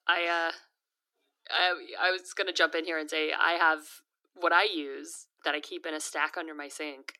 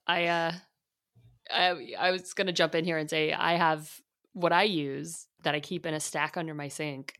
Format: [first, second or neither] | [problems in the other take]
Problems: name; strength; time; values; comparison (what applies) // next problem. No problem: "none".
second | thin; somewhat; fading below 300 Hz